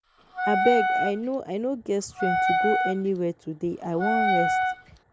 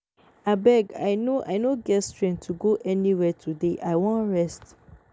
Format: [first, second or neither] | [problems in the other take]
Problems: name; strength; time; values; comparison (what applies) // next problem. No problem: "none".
second | background sound (Wind instrument, woodwind instrument); 2 dB above the speech